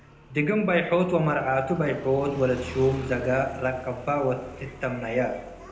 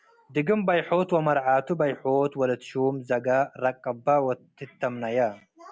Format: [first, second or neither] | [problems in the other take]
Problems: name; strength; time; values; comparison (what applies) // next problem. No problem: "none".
second | background sound (Motorcycle); 16 dB below the speech // room echo; dies away in 0.8 s